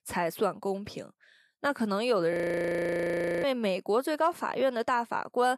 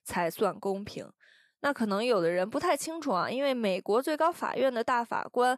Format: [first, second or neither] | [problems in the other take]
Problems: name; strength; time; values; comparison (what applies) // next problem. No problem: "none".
second | audio freezing; at 2.5 s for 1 s